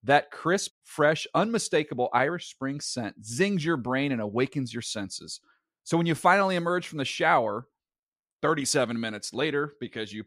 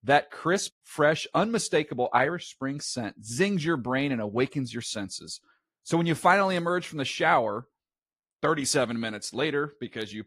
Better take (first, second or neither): first